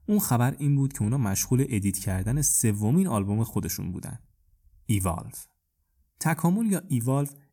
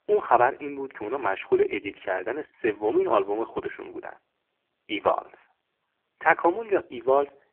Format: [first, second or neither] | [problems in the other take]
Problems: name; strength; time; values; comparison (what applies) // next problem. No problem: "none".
first | phone-call audio; poor line; nothing above 3 kHz